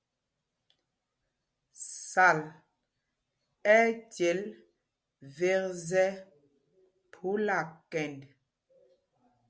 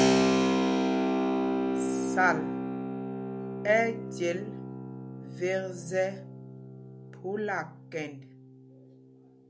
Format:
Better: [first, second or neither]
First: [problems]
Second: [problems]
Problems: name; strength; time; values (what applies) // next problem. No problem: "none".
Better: first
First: none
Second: background sound (Keyboard (musical)); 3 dB above the speech